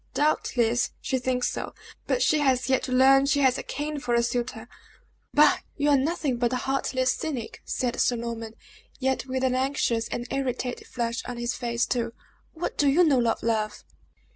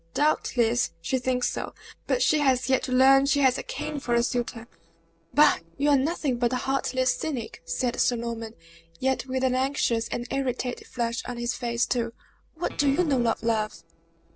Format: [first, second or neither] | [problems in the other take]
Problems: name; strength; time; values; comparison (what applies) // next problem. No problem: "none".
first | noise reduction (neural separator model SepFormer DNS4)